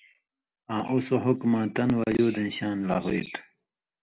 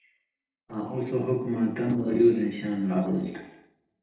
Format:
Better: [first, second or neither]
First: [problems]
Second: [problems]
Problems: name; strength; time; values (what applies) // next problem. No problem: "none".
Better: first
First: none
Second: noise reduction (neural separator model SepFormer DNS4)